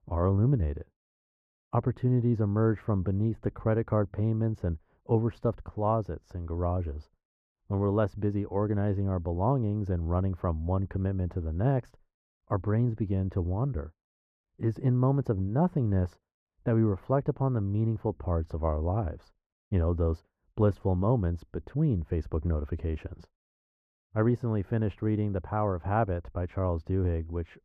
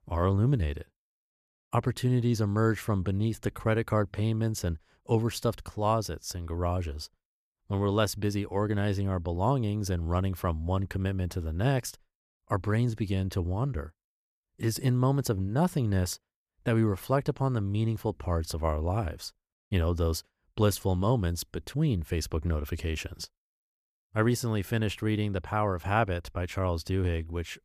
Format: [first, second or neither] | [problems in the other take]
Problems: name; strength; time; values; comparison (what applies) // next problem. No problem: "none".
second | muffled; very; fading above 2.5 kHz